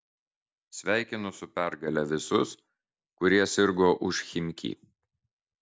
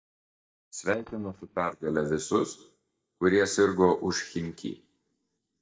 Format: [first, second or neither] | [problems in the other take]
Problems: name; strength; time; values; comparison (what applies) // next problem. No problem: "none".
first | noise reduction (neural mask model DeepFilterNet 3)